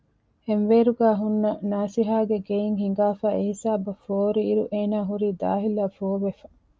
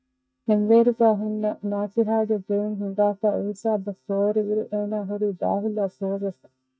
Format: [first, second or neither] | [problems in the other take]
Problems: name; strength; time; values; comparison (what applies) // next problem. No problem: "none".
first | noise reduction (neural mask model DeepFilterNet 3)